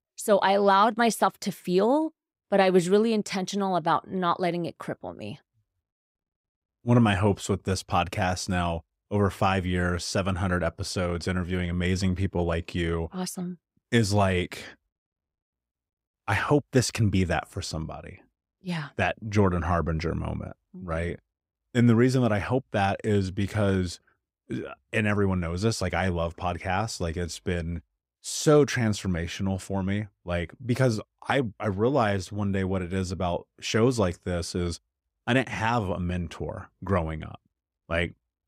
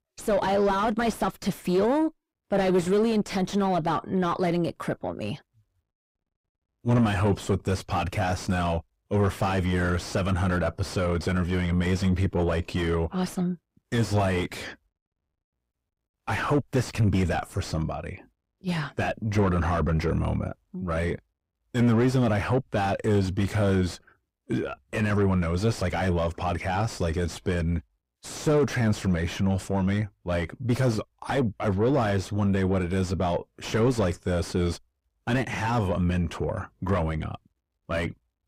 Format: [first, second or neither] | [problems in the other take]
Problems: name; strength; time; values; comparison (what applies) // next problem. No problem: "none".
first | distortion; heavy; 5 dB below the speech